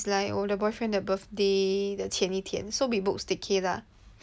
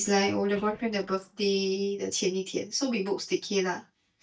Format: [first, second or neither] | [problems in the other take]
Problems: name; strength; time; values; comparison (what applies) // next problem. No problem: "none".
first | noise reduction (neural mask model DeepFilterNet 3)